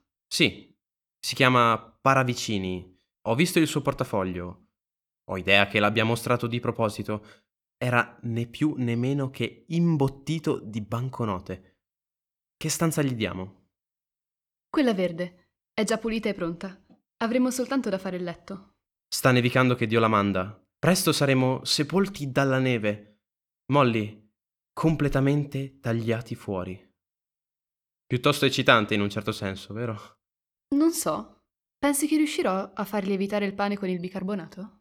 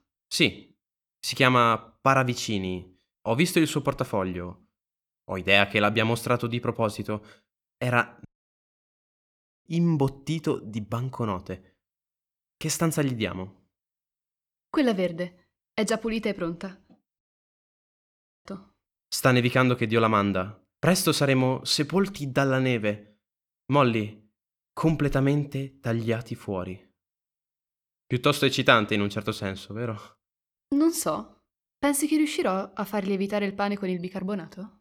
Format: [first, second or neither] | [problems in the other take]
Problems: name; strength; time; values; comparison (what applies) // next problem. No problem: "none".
first | audio cutting out; at 8.5 s for 1.5 s and at 17 s for 1.5 s